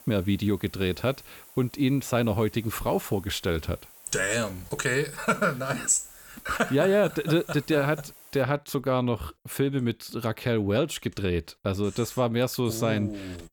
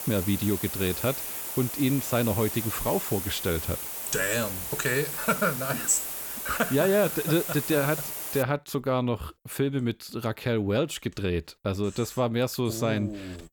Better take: first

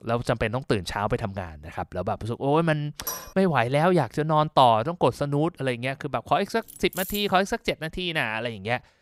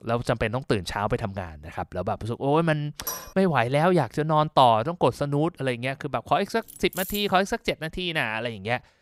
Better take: neither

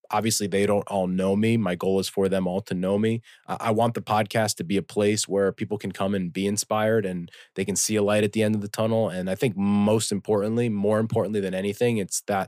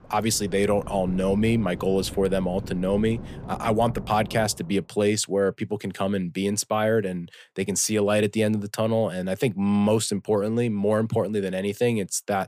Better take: first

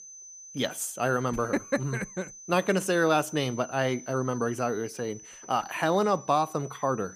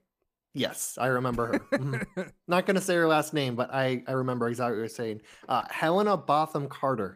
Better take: second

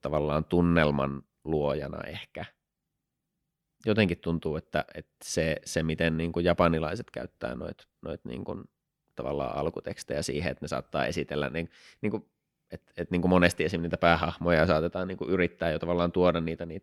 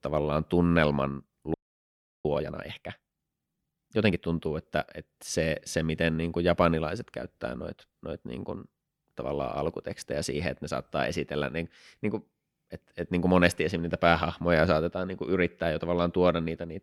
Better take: first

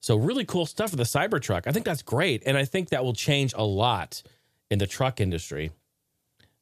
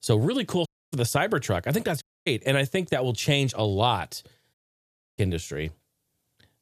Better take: first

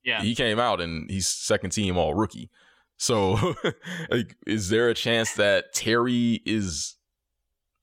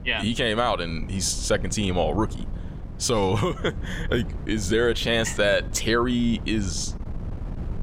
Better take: first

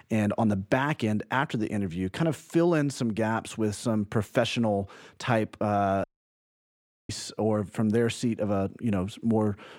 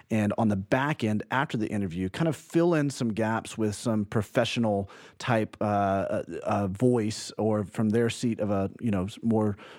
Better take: second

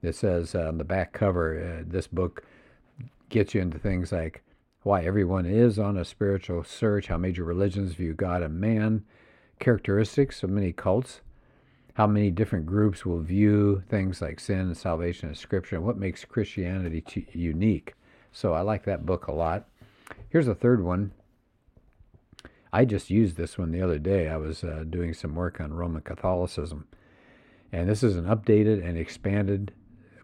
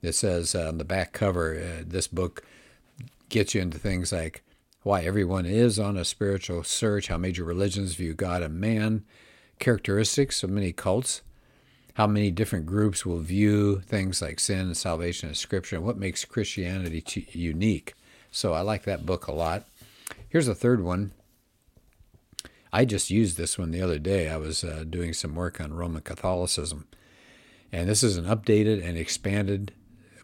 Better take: second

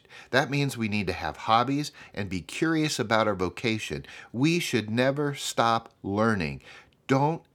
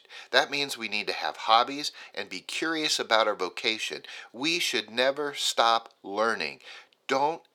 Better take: first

